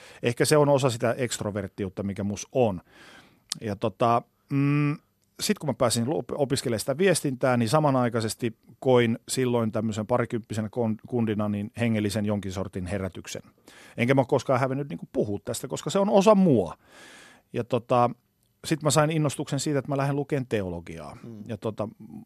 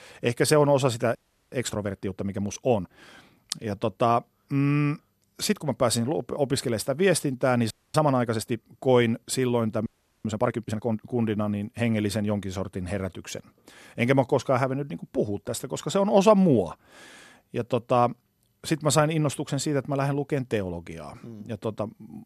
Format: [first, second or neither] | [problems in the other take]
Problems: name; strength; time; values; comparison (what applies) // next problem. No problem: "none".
first | audio freezing; at 1 s, at 7.5 s and at 10 s